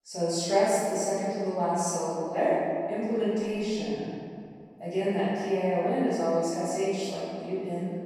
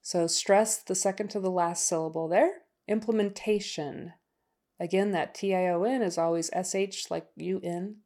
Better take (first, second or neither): second